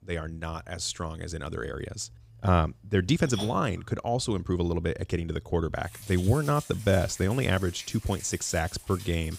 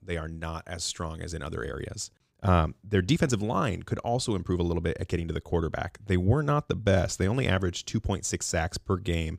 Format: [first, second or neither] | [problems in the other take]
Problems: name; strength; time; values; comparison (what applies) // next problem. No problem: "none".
second | rain or running water; noticeable; throughout; 15 dB below the speech